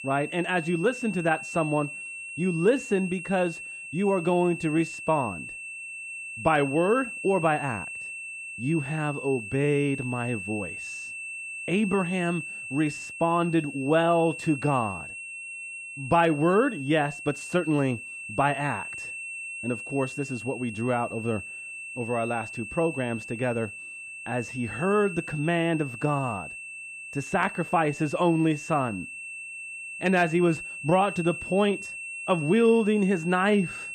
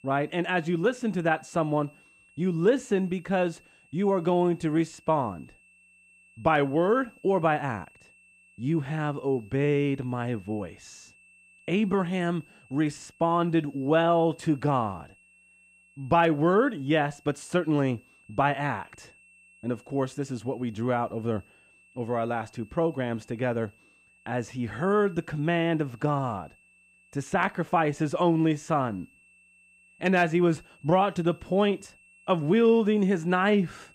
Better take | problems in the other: second | high-pitched whine; loud; throughout; 2.5 kHz, 9 dB below the speech; faint in the second

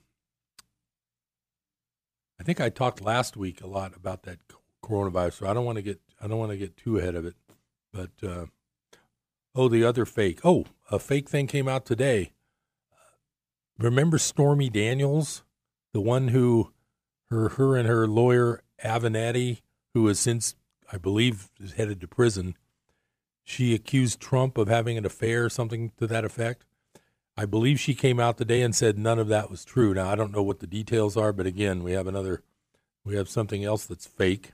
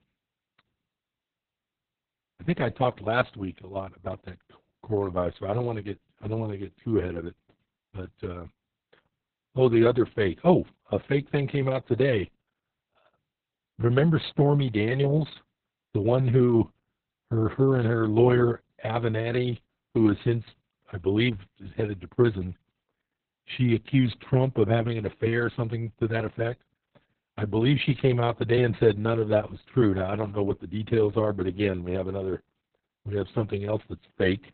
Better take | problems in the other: first | garbled, watery; badly; nothing above 4 kHz

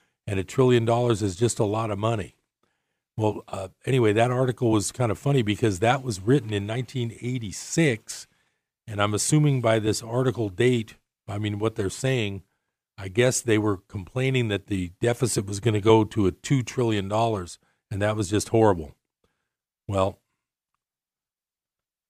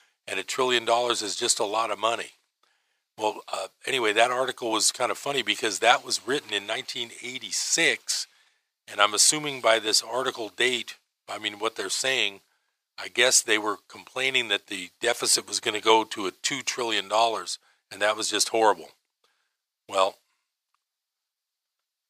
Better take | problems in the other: first | thin; very; fading below 750 Hz

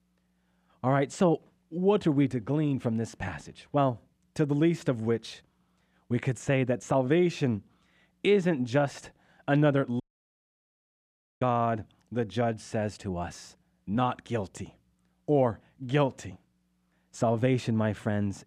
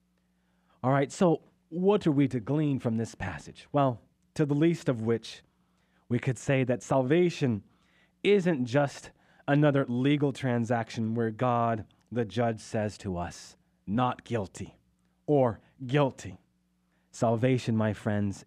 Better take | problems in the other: second | audio cutting out; at 10 s for 1.5 s

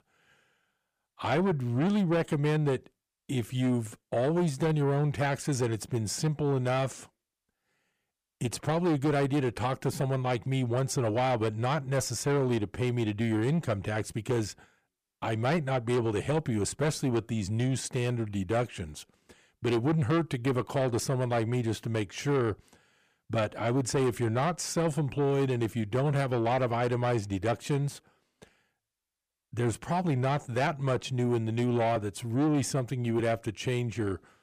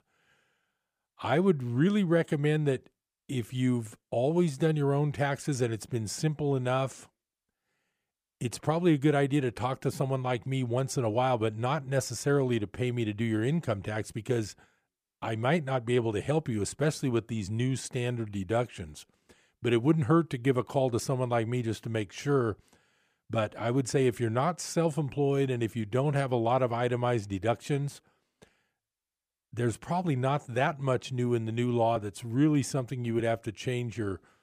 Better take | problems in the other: second | distortion; slight; 10 dB below the speech

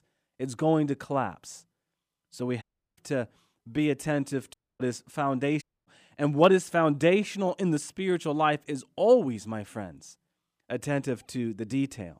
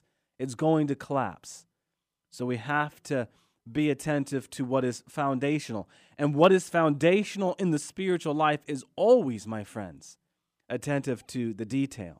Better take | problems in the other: second | audio cutting out; at 2.5 s, at 4.5 s and at 5.5 s

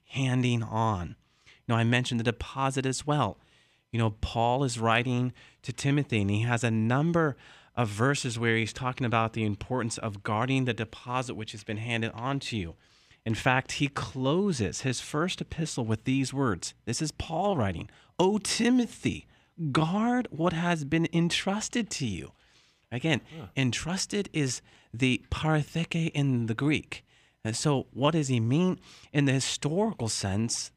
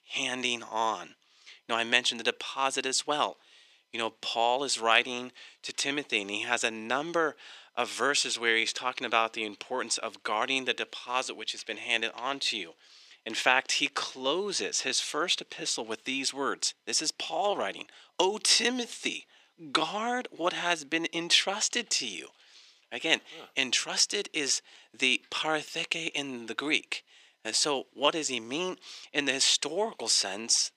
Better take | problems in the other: first | thin; very; fading below 350 Hz

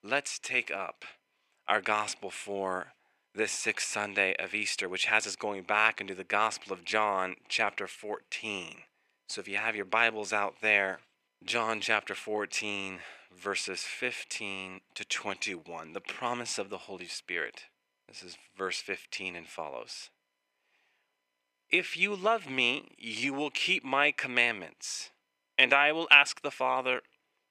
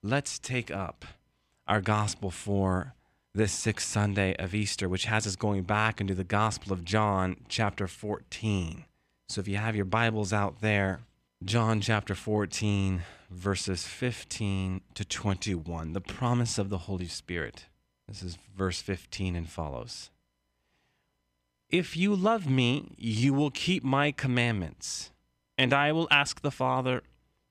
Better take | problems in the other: second | thin; very; fading below 450 Hz

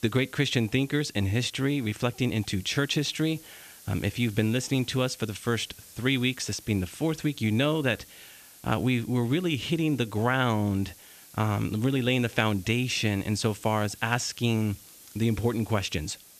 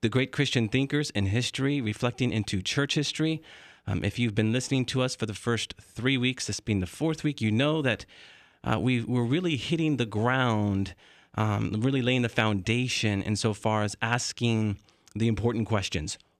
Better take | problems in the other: second | hiss; faint; throughout; 20 dB below the speech

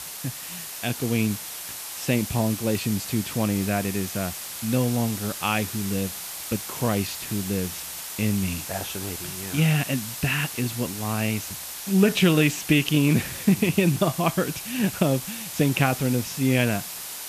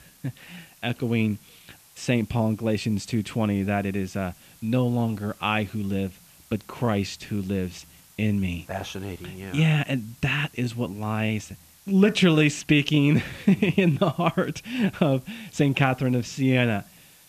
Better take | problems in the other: second | hiss; loud; throughout; 8 dB below the speech; faint in the second

